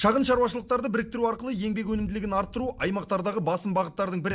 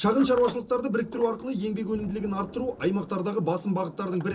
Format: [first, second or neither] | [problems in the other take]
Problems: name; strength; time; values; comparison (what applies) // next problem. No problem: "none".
first | background sound (Sliding door); 18 dB below the speech // room echo; dies away in 0.2 s